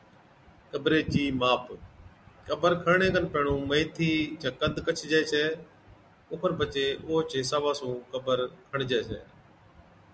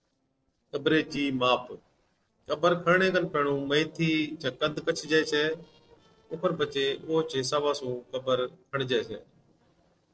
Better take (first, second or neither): first